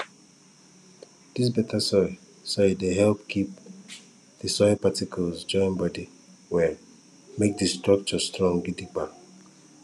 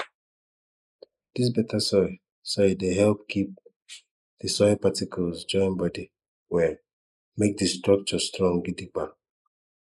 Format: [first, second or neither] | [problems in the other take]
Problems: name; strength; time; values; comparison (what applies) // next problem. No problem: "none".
first | noise reduction (neural mask model Resemble Enhance denoiser)